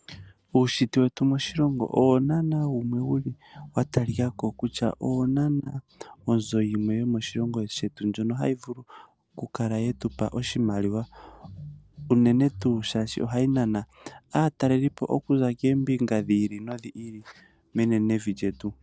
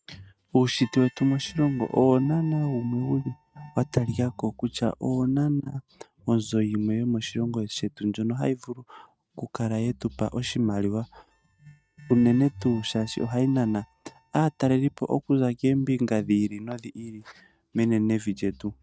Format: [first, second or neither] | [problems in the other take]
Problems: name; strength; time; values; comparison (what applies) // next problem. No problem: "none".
first | noise reduction (neural mask model RNNoise)